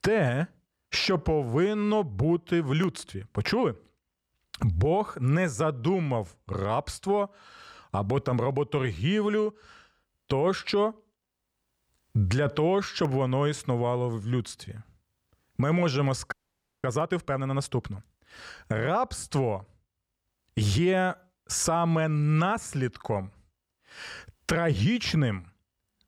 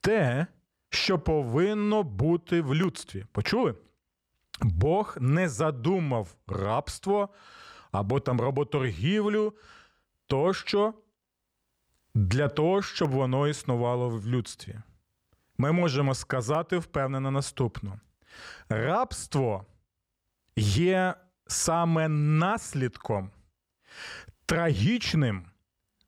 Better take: second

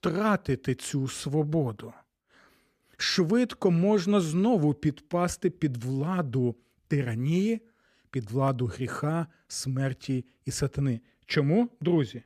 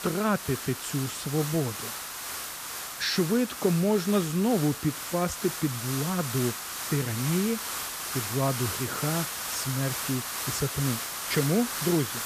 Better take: first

